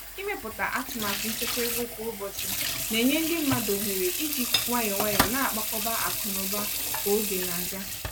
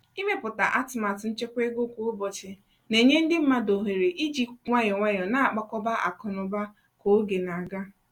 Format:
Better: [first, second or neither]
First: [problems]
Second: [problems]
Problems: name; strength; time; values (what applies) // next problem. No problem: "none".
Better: second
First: background sound (Sink (filling or washing) / Water tap, faucet); 1 dB above the speech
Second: none